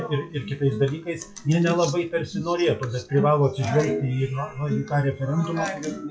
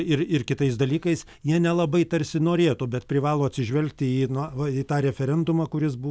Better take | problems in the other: second | noise reduction (classical method WPE with log-MMSE)

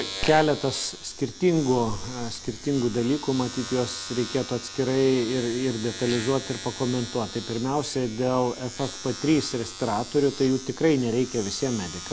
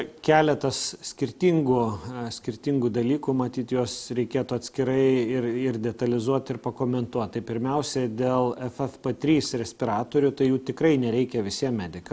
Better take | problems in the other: second | background sound (Domestic sounds, home sounds); 11 dB below the speech

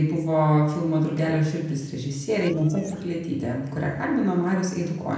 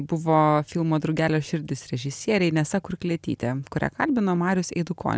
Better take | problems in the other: second | noise reduction (neural separator model SepFormer DNS4)

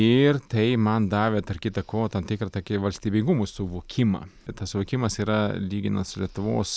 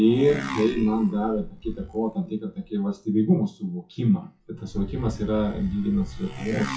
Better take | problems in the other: first | noise reduction (classical method WPE with log-MMSE)

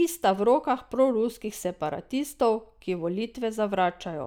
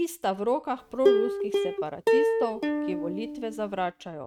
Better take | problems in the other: first | noise reduction (neural mask model RNNoise)

